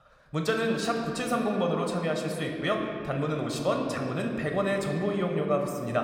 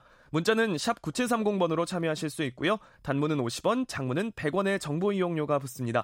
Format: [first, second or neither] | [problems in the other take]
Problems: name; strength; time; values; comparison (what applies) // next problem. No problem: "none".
second | room echo; slight; dies away in 2.1 s